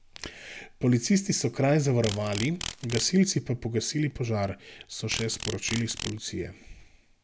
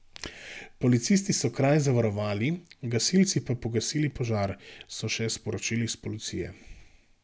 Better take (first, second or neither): second